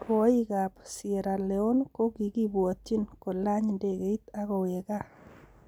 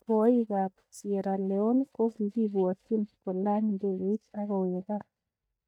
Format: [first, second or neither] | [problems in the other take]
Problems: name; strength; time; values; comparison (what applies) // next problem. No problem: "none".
first | noise reduction (neural mask model DeepFilterNet 3)